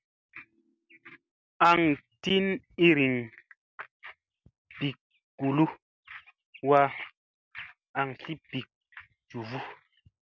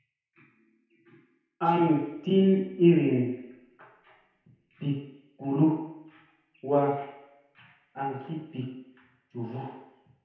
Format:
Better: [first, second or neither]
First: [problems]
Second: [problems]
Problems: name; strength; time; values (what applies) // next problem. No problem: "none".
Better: first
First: none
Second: room echo; dies away in 1 s